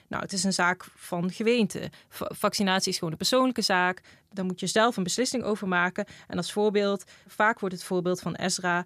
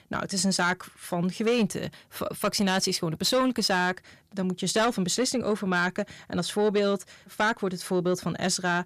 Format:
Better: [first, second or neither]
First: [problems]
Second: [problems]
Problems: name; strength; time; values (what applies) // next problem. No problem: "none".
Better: first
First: none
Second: distortion; slight; 10 dB below the speech